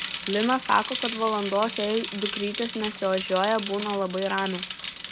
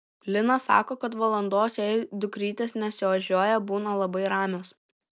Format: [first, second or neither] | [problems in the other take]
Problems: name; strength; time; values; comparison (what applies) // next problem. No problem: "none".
second | background sound (Bicycle); 8 dB below the speech